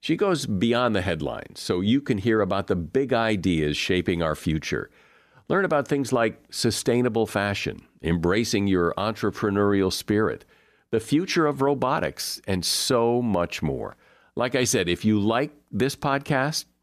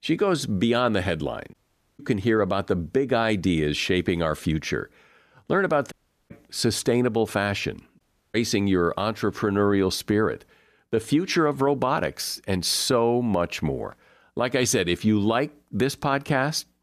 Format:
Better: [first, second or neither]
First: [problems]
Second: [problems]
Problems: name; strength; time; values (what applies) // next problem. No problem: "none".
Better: first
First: none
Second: audio cutting out; at 1.5 s, at 6 s and at 8 s